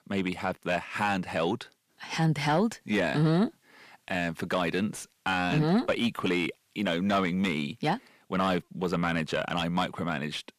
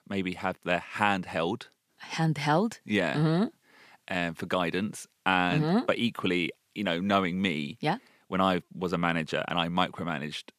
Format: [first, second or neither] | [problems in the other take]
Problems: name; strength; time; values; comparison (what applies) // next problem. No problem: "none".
second | distortion; slight; 10 dB below the speech